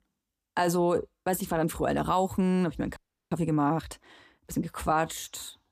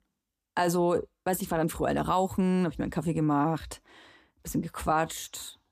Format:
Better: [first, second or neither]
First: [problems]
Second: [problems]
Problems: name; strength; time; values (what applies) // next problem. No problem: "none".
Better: second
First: audio freezing; at 3 s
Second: none